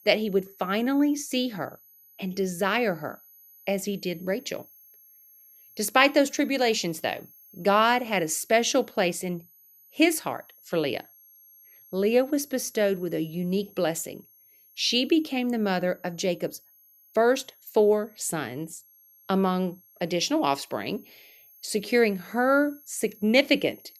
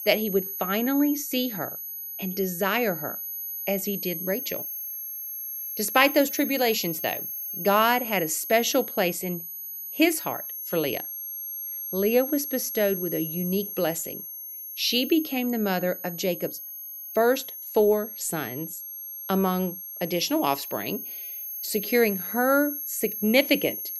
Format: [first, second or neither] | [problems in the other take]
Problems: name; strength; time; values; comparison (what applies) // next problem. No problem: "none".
first | high-pitched whine; loud; throughout; 11.5 kHz, 7 dB below the speech; faint in the first